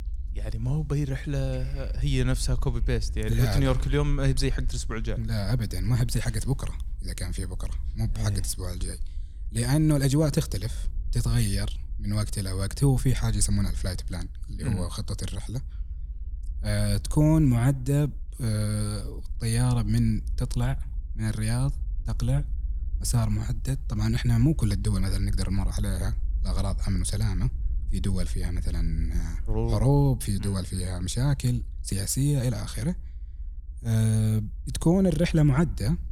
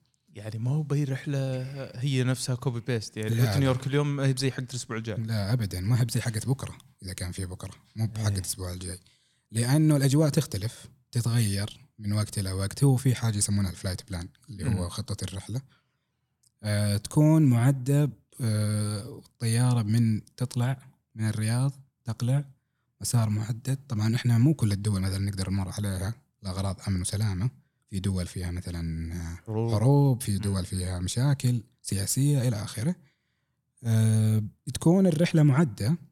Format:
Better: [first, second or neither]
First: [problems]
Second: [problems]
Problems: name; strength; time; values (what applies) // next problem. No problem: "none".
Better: second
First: low rumble; faint; throughout; 25 dB below the speech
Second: none